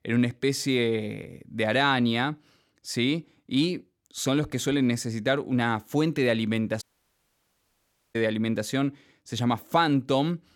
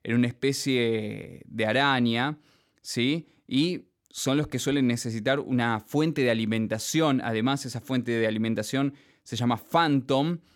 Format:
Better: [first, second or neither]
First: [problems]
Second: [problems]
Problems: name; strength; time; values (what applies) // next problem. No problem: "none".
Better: second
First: audio cutting out; at 7 s for 1.5 s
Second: none